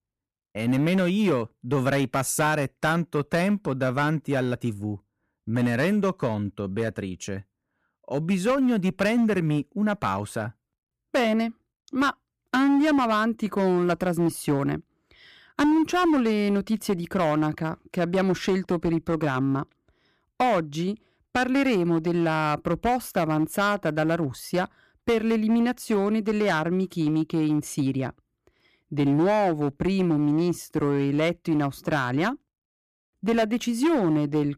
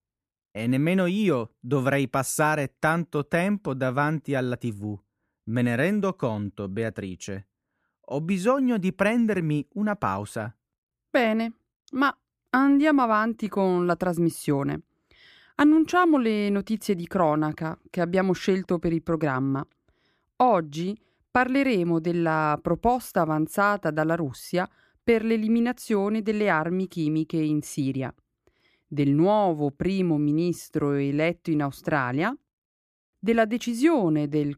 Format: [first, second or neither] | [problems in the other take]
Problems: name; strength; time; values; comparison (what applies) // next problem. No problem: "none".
second | distortion; slight; 8% of the sound clipped